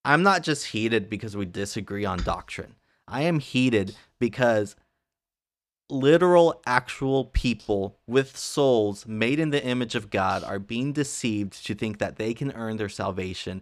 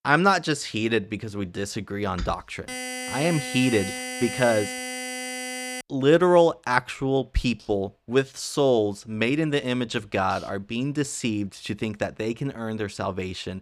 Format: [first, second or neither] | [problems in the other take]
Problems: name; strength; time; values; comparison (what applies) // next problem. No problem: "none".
first | alarm; noticeable; from 2.5 to 6 s; peak 6 dB below the speech